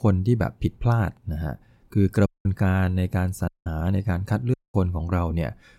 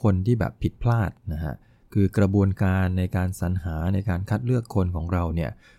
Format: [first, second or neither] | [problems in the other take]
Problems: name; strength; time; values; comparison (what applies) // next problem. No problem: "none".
second | audio cutting out; at 2.5 s, at 3.5 s and at 4.5 s